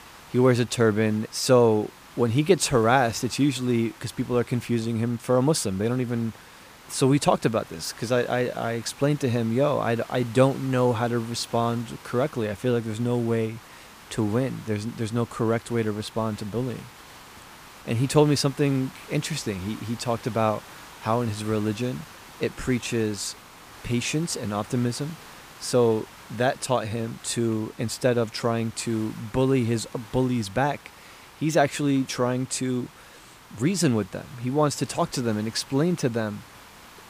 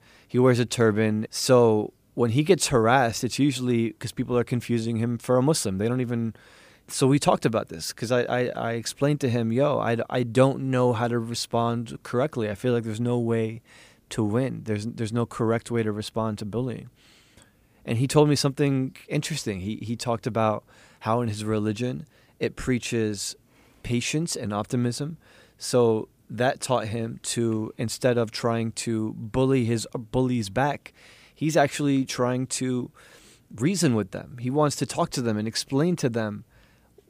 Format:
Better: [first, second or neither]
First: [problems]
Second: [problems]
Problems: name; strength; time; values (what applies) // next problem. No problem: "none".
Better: second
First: hiss; faint; throughout; 20 dB below the speech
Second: none